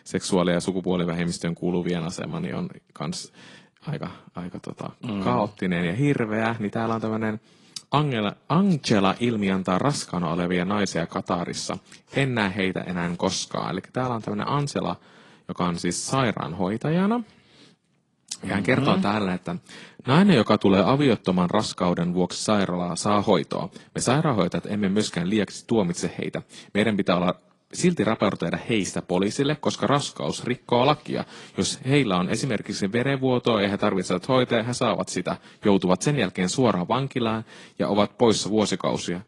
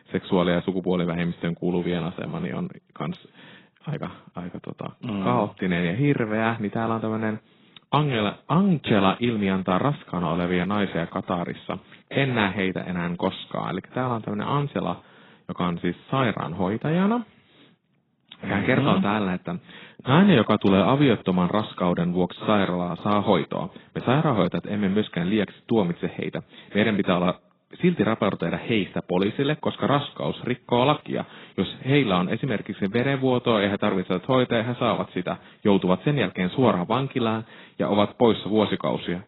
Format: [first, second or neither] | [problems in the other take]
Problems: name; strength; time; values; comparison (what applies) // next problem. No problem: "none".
first | garbled, watery; badly; nothing above 4 kHz; slightly in the first